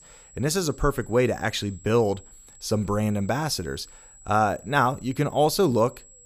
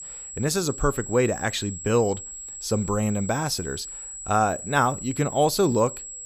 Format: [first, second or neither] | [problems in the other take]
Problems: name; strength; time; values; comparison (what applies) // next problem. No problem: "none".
first | high-pitched whine; loud; throughout; 7.5 kHz, 10 dB below the speech; faint in the first